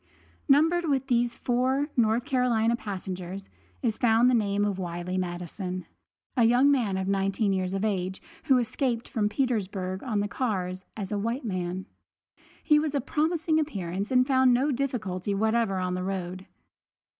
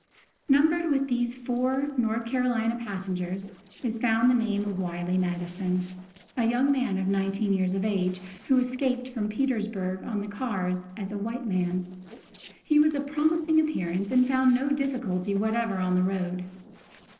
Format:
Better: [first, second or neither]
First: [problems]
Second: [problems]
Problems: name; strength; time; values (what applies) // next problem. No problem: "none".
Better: first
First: none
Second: noise reduction (neural separator model SepFormer DNS4)